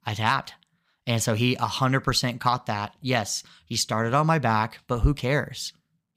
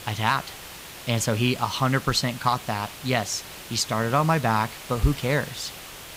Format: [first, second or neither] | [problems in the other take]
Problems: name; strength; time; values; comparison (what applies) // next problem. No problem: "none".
first | hiss; noticeable; throughout; 15 dB below the speech